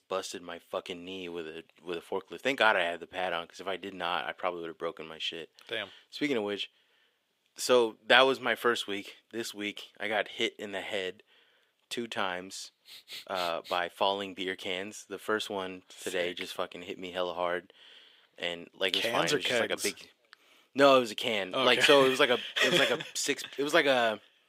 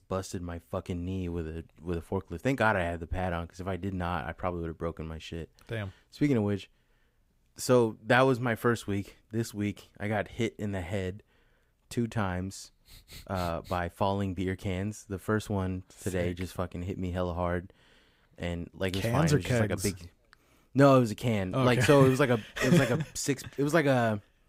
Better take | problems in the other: second | thin; somewhat; fading below 400 Hz

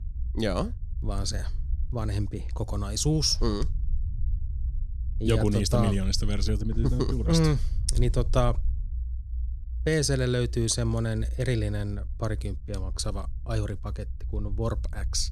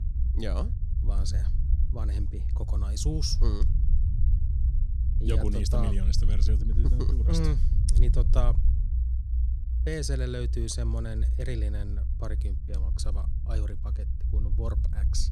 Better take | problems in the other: first | low rumble; loud; throughout; 9 dB below the speech; faint in the first

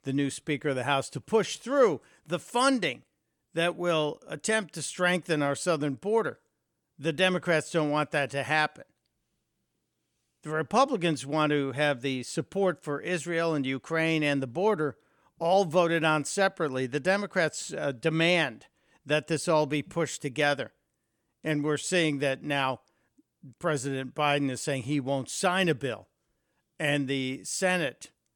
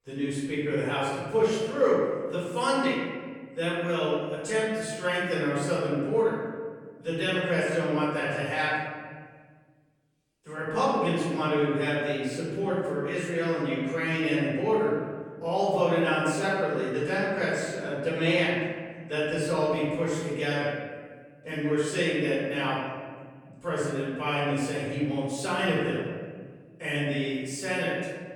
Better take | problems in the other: first | room echo; strong; dies away in 1.6 s // off-mic speech; far

